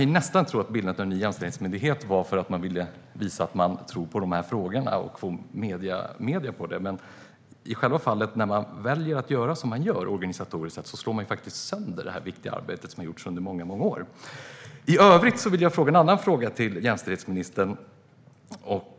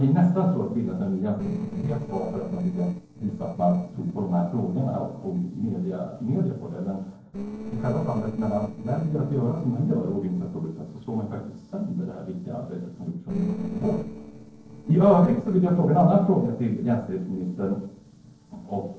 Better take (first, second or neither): first